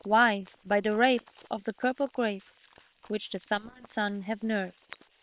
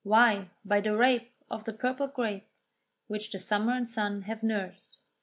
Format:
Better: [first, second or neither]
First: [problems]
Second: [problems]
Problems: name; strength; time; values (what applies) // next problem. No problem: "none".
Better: second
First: noise reduction (neural separator model SepFormer WHAM!)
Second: none